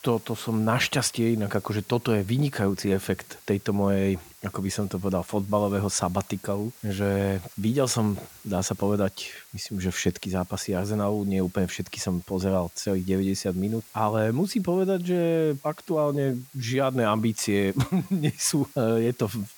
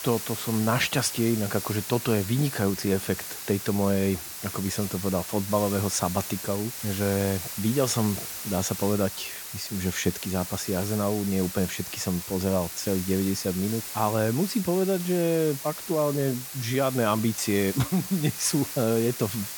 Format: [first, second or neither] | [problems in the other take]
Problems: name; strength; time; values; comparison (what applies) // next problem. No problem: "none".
first | hiss; loud; throughout; 7 dB below the speech; faint in the first